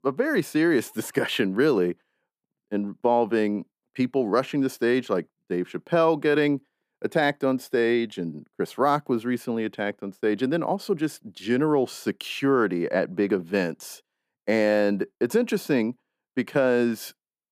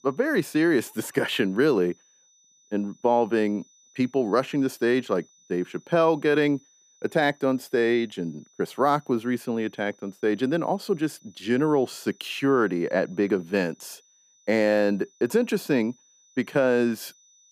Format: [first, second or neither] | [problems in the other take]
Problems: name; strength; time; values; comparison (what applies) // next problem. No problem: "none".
first | high-pitched whine; faint; throughout; 6 kHz, 30 dB below the speech